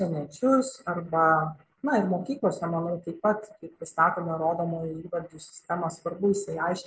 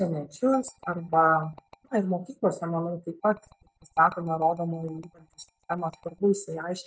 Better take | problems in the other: first | noise reduction (neural mask model DeepFilterNet 3)

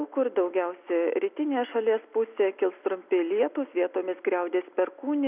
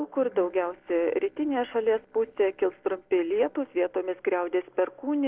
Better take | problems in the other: first | noise reduction (neural separator model SepFormer DNS4)

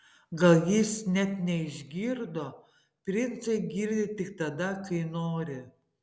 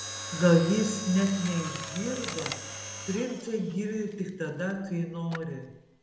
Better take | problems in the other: first | background sound (Mechanisms); 11 dB below the speech // room echo; dies away in 0.8 s

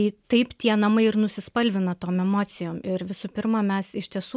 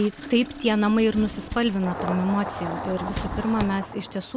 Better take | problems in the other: first | background sound (Engine starting + Drawer open or close); 9 dB below the speech

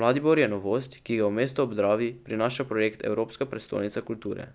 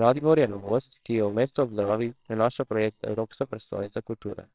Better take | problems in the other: first | noise reduction (neural separator model SepFormer WHAMR!)

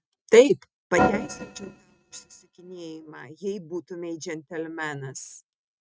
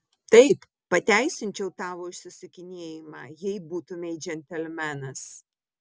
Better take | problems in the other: second | noise reduction (neural mask model RNNoise)

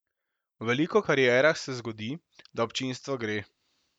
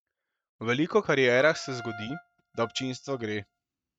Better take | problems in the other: first | noise reduction (neural mask model RNNoise)

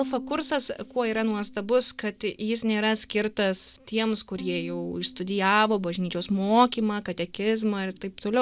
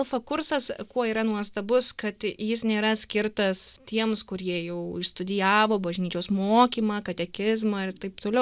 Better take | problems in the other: second | background sound (Bowed string instrument); 19 dB below the speech

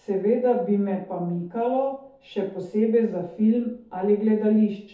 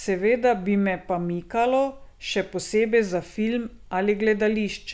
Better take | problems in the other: second | room echo; dies away in 0.5 s

